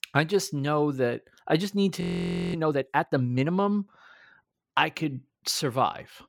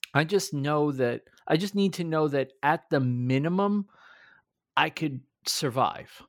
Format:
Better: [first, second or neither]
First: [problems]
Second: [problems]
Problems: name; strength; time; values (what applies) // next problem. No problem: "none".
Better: second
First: audio freezing; at 2 s for 0.5 s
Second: none